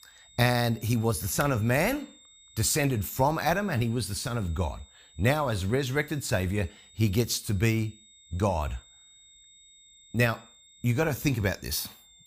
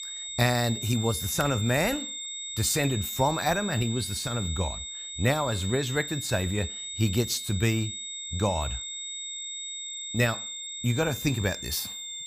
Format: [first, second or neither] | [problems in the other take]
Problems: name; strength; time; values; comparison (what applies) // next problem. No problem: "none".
first | high-pitched whine; loud; throughout; 3.5 kHz, 6 dB below the speech; faint in the first